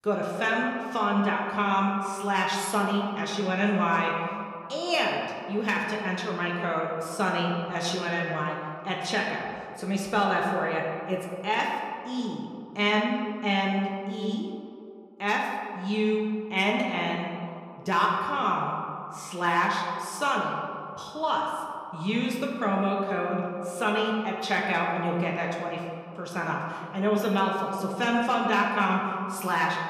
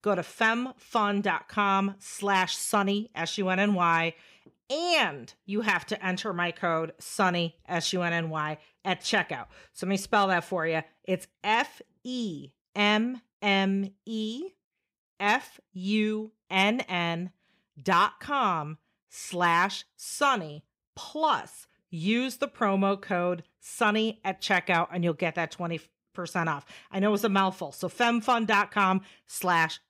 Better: second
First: room echo; noticeable; dies away in 2 s // off-mic speech; somewhat distant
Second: none

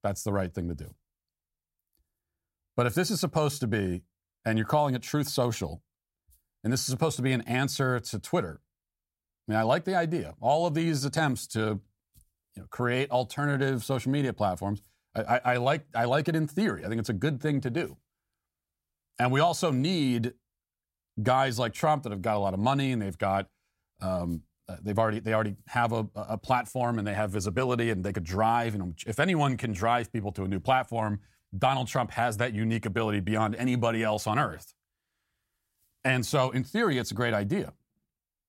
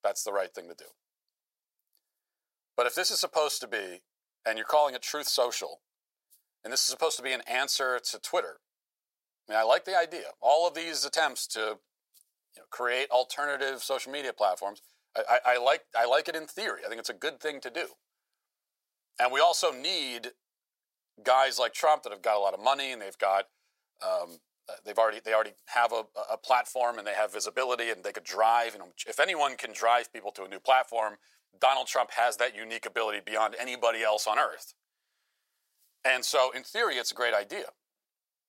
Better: first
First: none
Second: thin; very; fading below 500 Hz

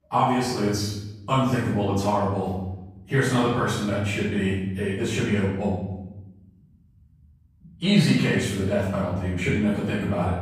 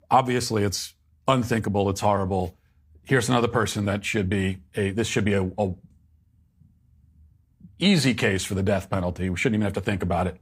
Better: second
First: off-mic speech; far // room echo; strong; dies away in 1 s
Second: none

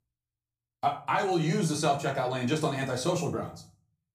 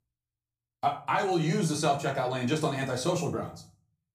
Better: neither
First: room echo; slight; dies away in 0.4 s // off-mic speech; far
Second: room echo; slight; dies away in 0.4 s // off-mic speech; far

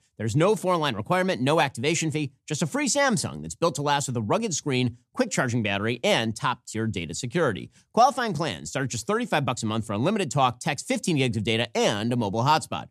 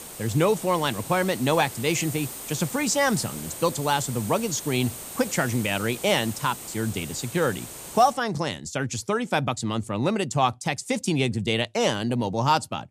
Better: first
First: none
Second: hiss; noticeable; until 8 s; 10 dB below the speech

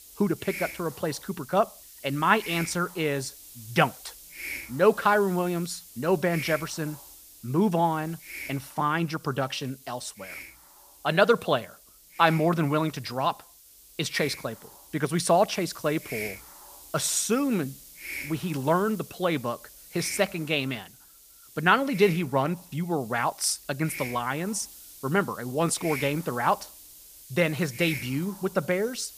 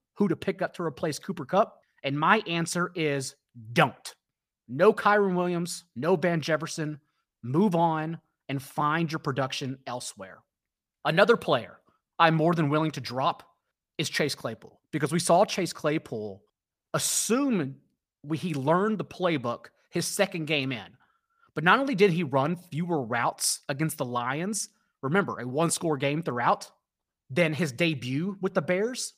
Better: second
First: hiss; noticeable; throughout; 15 dB below the speech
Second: none

